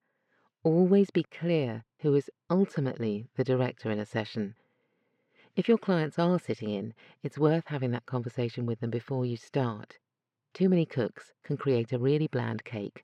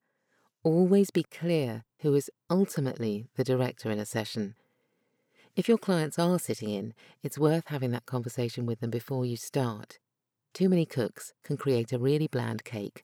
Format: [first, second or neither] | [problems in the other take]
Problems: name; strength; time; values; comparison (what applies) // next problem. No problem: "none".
second | muffled; slightly; fading above 3 kHz